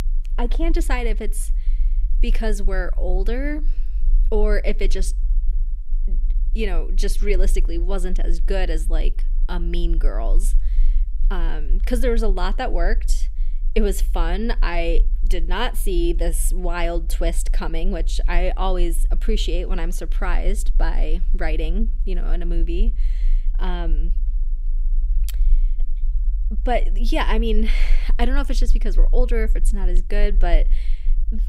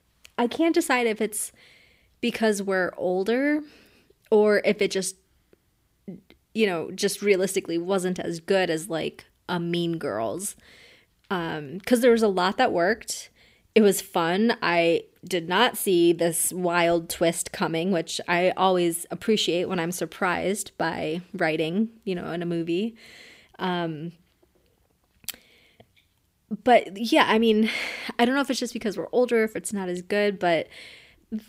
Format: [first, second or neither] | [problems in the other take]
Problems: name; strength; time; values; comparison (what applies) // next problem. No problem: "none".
second | low rumble; faint; throughout; 25 dB below the speech